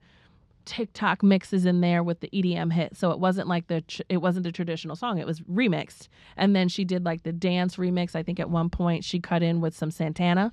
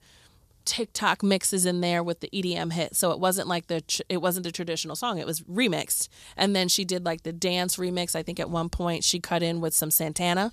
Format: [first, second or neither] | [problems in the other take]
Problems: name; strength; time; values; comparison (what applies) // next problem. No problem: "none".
second | muffled; slightly; fading above 2.5 kHz